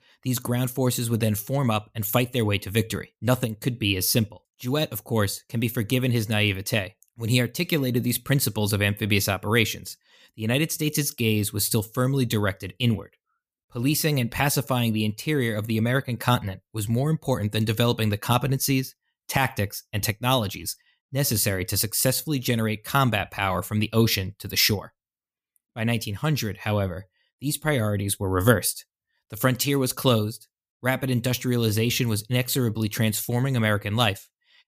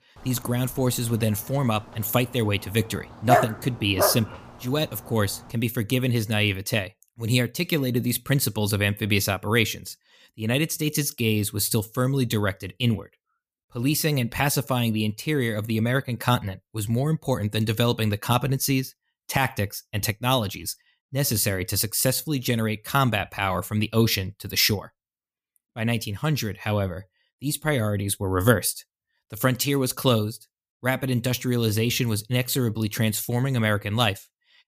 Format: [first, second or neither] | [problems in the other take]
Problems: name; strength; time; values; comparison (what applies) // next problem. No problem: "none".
first | dog barking; loud; at 3.5 s; peak 3 dB above the speech